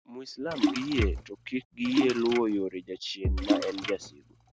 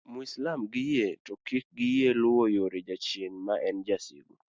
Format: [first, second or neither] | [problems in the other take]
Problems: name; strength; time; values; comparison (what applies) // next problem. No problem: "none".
second | background sound (Bass drum + Splash, splatter); as loud as the speech